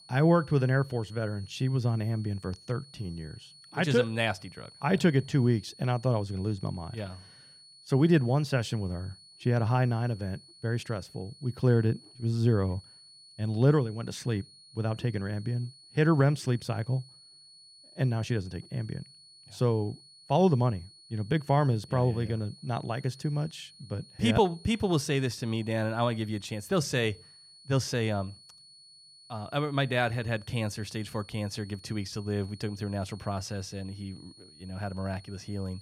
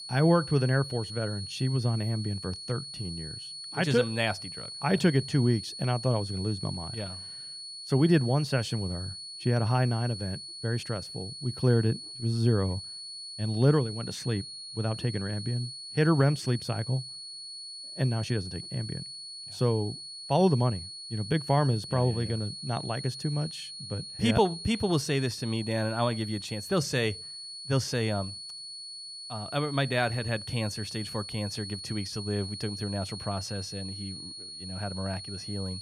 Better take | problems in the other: first | high-pitched whine; loud; throughout; 4.5 kHz, 9 dB below the speech; faint in the first

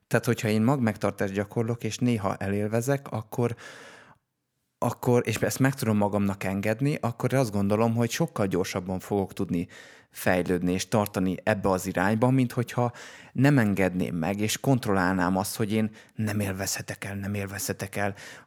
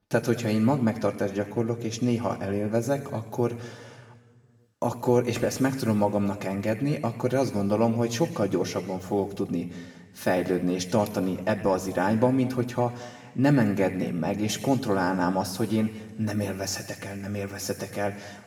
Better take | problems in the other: first | room echo; slight; dies away in 1.4 s // off-mic speech; somewhat distant

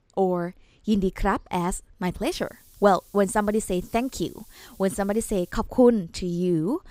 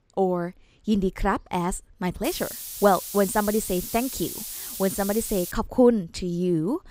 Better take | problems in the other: first | hiss; loud; from 2 to 5.5 s; 8 dB below the speech; faint in the first

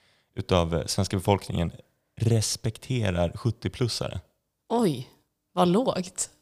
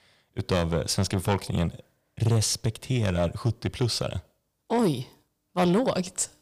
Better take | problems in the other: first | distortion; slight; 10 dB below the speech

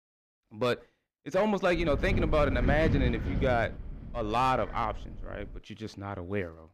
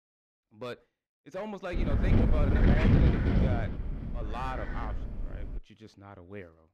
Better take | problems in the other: first | wind noise on the microphone; heavy; from 1.5 to 5.5 s; 4 dB above the speech; occasional gusts in the first

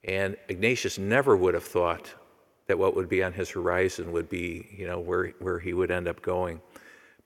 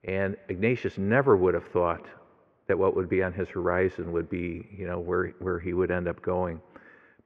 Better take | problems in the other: first | muffled; very; fading above 1.5 kHz

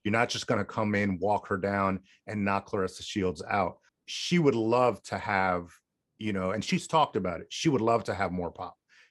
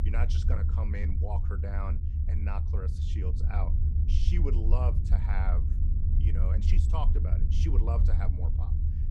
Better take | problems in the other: first | low rumble; loud; throughout; 4 dB below the speech

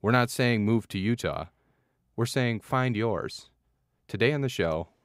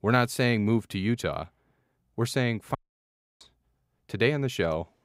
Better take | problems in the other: first | audio cutting out; at 3 s for 0.5 s

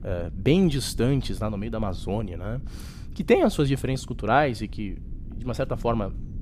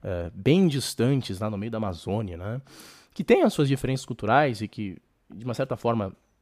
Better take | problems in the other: second | low rumble; faint; throughout; 25 dB below the speech

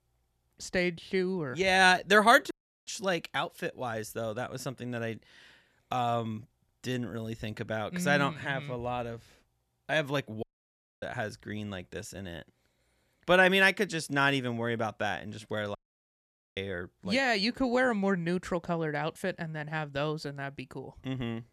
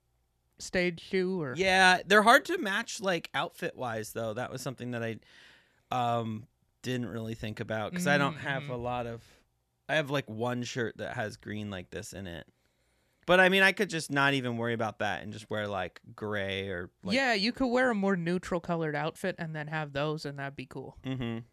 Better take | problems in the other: second | audio cutting out; at 2.5 s, at 10 s for 0.5 s and at 16 s for 1 s

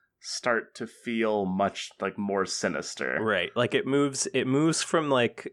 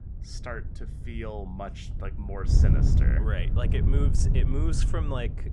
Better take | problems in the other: first | wind noise on the microphone; heavy; 2 dB below the speech

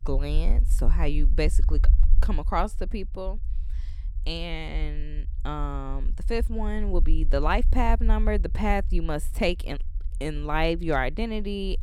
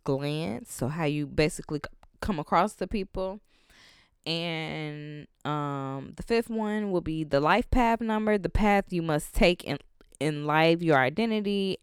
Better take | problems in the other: second | low rumble; faint; throughout; 20 dB below the speech

